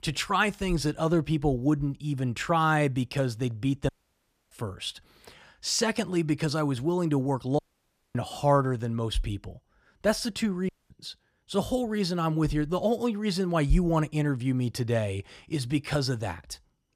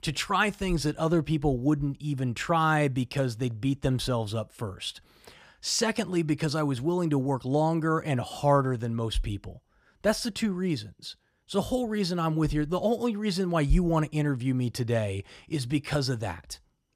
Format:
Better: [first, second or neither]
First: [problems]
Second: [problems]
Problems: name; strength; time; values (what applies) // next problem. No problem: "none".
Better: second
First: audio cutting out; at 4 s for 0.5 s, at 7.5 s for 0.5 s and at 11 s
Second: none